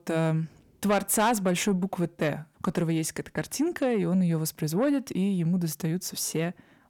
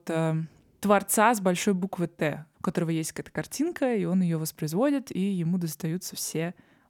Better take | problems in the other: second | distortion; slight; 10 dB below the speech

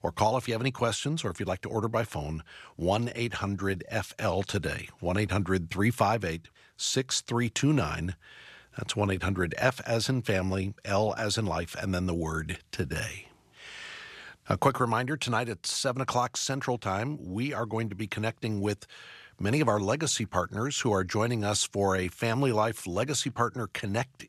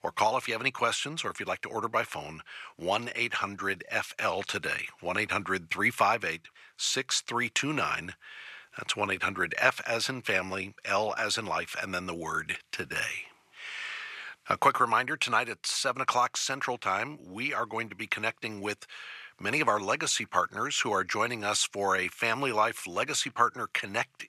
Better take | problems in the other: first | thin; somewhat; fading below 550 Hz

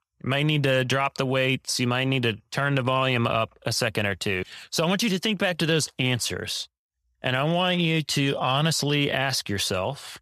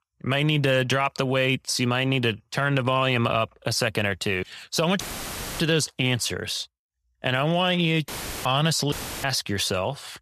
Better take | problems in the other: first | audio cutting out; filled with static; at 5 s for 0.5 s, at 8 s and at 9 s

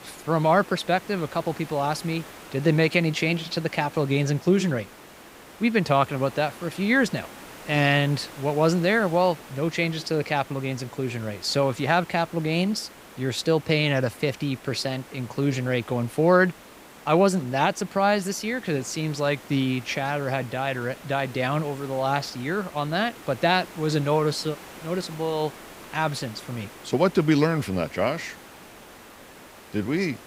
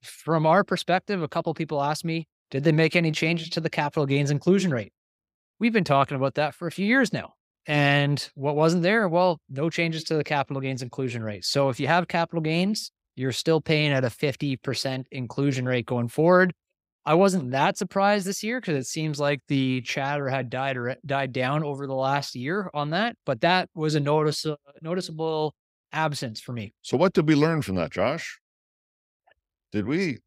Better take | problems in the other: second | hiss; noticeable; throughout; 20 dB below the speech

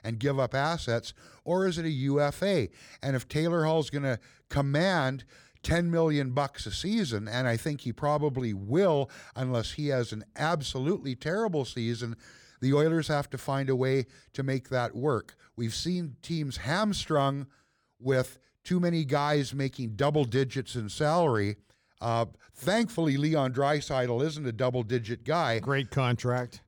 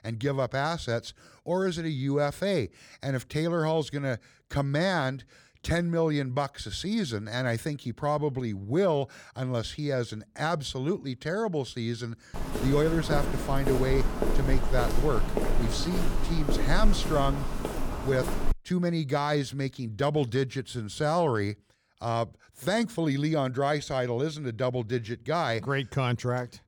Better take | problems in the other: first | footsteps; noticeable; from 12 to 19 s; peak level with the speech

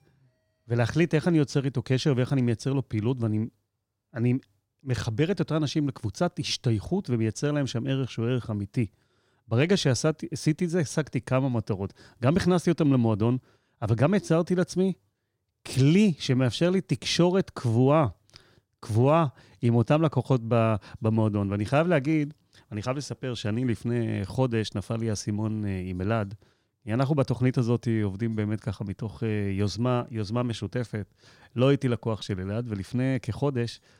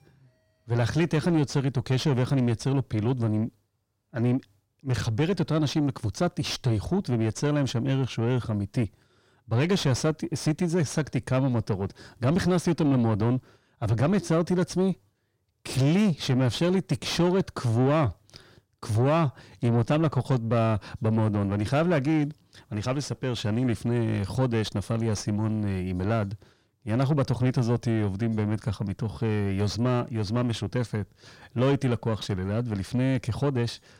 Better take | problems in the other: first | distortion; slight; 9 dB below the speech

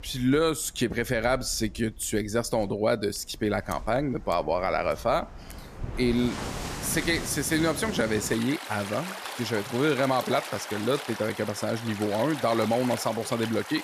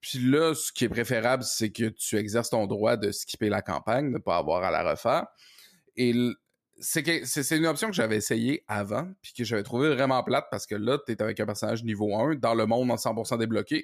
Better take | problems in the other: second | rain or running water; noticeable; throughout; 10 dB below the speech

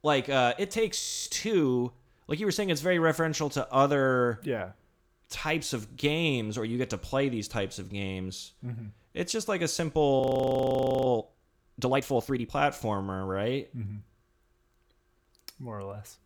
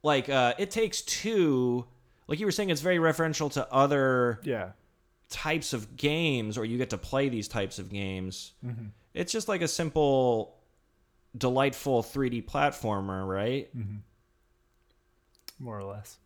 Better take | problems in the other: second | audio freezing; at 1 s and at 10 s for 1 s

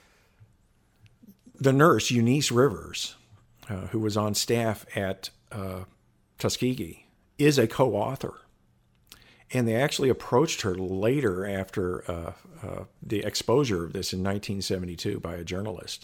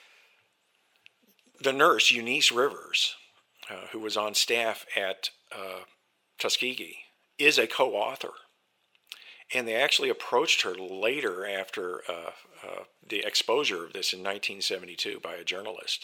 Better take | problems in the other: first | thin; very; fading below 550 Hz

